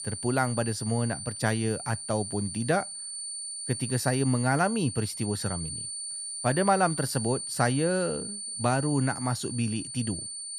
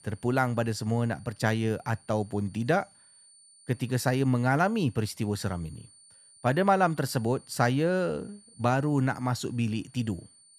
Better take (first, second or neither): second